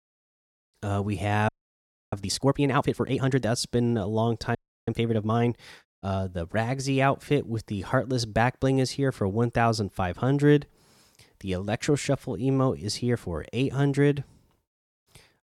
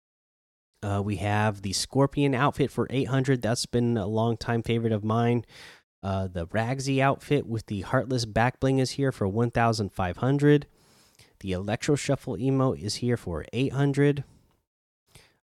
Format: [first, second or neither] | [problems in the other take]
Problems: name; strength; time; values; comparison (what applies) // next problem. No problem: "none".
second | audio freezing; at 1.5 s for 0.5 s and at 4.5 s